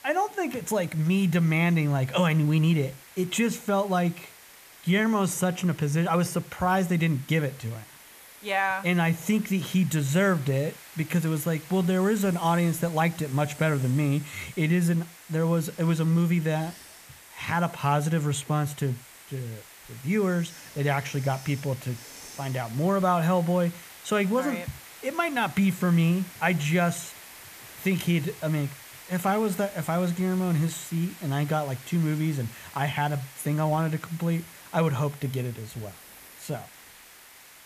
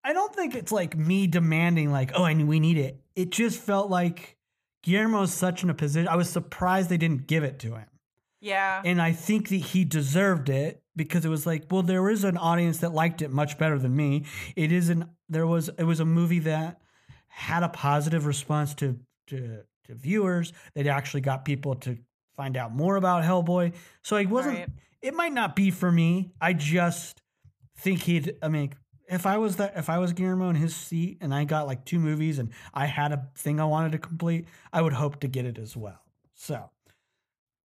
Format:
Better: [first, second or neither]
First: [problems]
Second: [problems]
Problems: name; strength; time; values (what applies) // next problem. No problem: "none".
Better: second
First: hiss; noticeable; throughout; 20 dB below the speech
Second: none